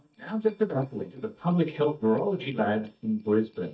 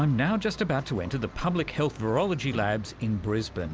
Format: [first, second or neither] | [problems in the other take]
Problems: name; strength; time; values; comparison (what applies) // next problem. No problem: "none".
second | noise reduction (neural mask model DeepFilterNet 3)